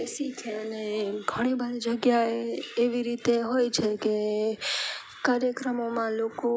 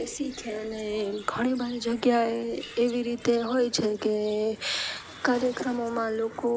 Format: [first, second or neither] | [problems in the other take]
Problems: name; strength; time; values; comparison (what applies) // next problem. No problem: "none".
first | background sound (Cricket); 19 dB below the speech